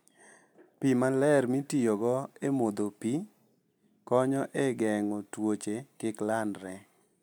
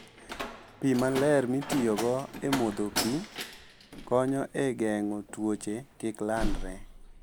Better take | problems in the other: first | background sound (Slam); 8 dB below the speech

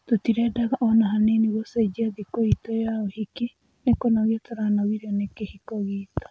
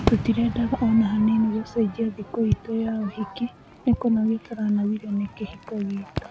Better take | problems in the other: first | background sound (Crowd / Fireworks); 11 dB below the speech

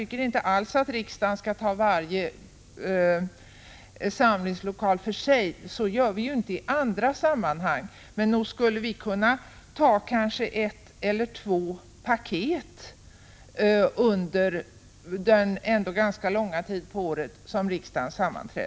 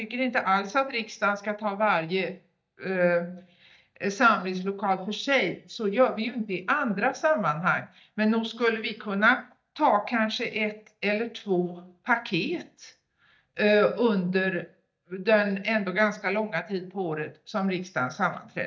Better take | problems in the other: first | noise reduction (neural mask model DeepFilterNet 3)

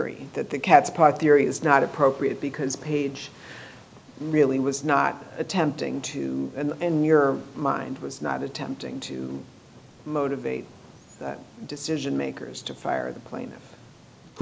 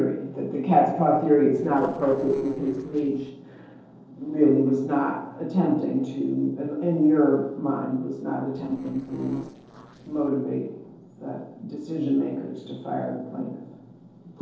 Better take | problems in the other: first | noise reduction (neural separator model SepFormer DNS4)

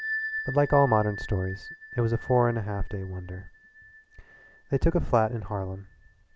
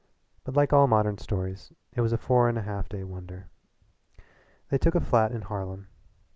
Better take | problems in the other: second | background sound (Bell); 13 dB below the speech

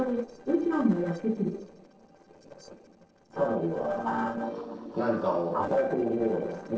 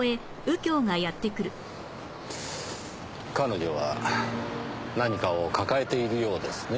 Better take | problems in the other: second | noise reduction (neural separator model SepFormer DNS4)

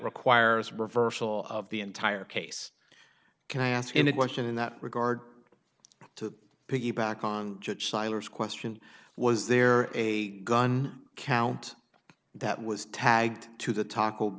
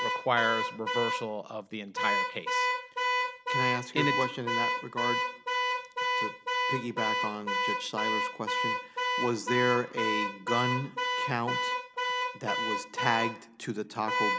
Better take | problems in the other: first | background sound (Alarm / Car); 3 dB above the speech

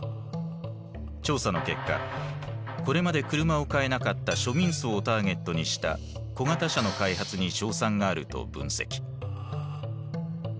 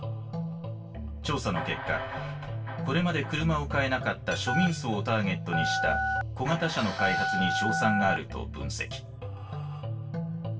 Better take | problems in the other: first | background sound (Telephone); 1 dB below the speech // room echo; dies away in 0.2 s

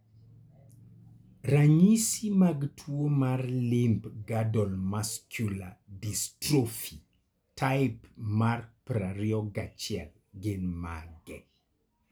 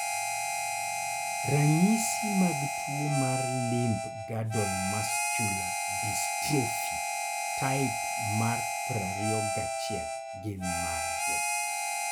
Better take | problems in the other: first | background sound (Harmonica); 1 dB above the speech

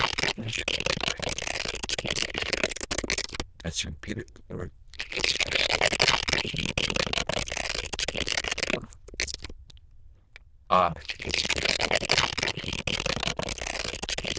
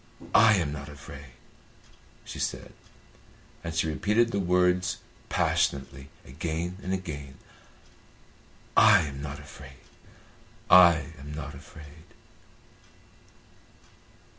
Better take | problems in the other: second | noise reduction (neural diffusion model UNIVERSE++)

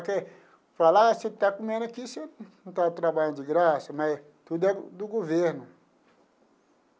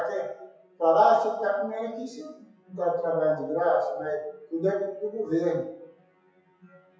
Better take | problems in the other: first | noise reduction (classical method WPE with log-MMSE)

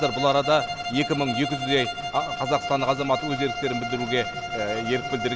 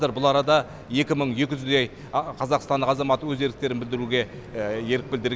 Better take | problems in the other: second | background sound (Bowed string instrument); 5 dB below the speech

